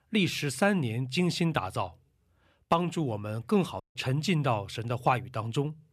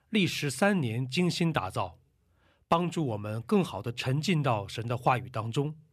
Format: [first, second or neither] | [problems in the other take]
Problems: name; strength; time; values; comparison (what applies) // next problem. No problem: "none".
second | audio cutting out; at 4 s